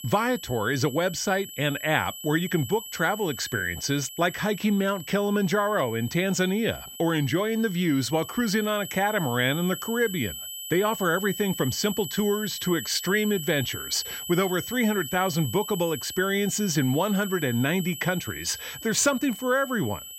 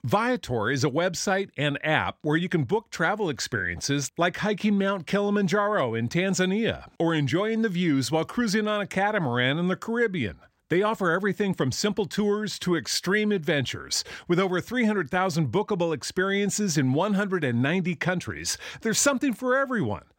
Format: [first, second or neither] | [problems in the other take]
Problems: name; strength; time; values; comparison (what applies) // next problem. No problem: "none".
second | high-pitched whine; loud; throughout; 3 kHz, 10 dB below the speech